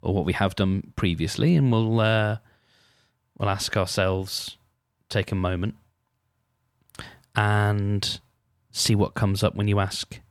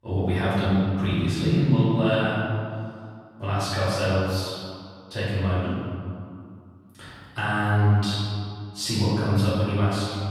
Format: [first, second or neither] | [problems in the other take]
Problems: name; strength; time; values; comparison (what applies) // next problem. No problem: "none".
first | off-mic speech; far // room echo; strong; dies away in 2.1 s